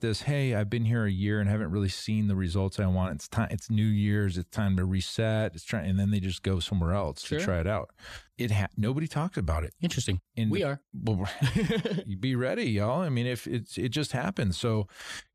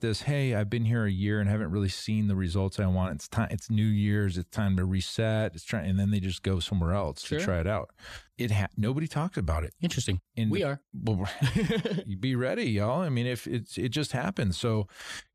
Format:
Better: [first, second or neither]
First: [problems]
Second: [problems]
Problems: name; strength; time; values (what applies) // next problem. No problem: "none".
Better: neither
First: none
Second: none